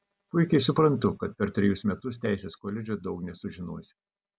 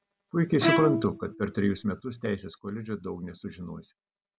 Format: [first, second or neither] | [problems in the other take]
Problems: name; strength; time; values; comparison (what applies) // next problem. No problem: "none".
first | background sound (Bowed string instrument); 1 dB below the speech